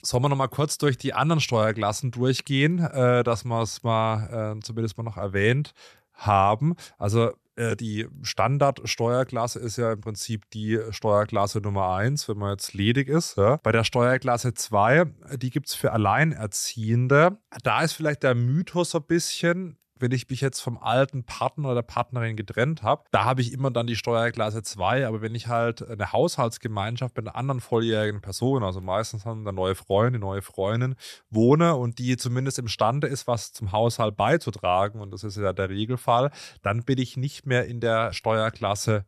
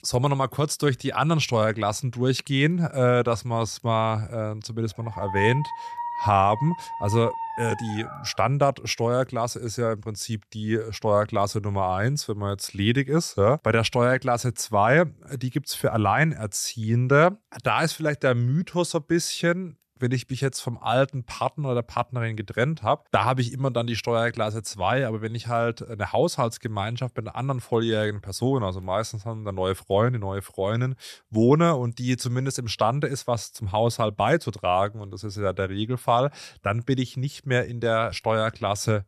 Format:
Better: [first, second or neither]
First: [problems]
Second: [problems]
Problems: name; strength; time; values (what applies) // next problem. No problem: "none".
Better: first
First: none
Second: dog barking; noticeable; from 5 to 8.5 s; peak 5 dB below the speech